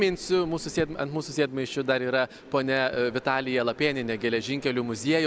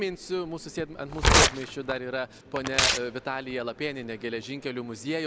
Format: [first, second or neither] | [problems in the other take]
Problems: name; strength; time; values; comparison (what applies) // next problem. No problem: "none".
first | background sound (Tearing); 5 dB above the speech